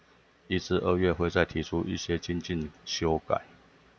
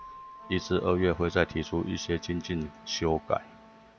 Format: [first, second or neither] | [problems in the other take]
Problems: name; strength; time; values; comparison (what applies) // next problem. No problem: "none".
first | background sound (Keyboard (musical) + Wind instrument, woodwind instrument); 19 dB below the speech